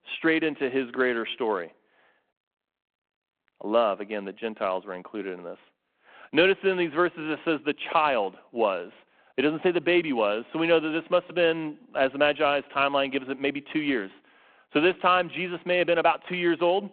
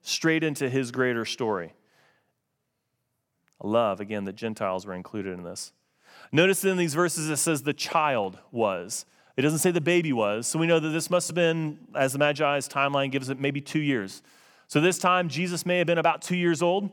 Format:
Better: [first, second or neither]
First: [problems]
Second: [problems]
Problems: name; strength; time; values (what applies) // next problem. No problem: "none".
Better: second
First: phone-call audio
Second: none